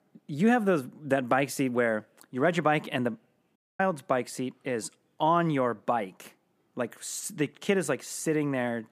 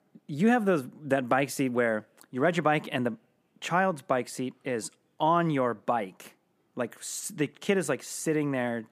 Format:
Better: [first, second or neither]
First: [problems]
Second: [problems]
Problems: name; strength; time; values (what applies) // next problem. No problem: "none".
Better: second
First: audio cutting out; at 3.5 s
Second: none